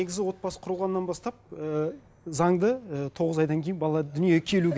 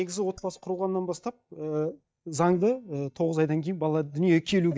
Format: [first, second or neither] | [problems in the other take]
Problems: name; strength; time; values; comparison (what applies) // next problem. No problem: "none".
first | noise reduction (neural mask model DeepFilterNet 3)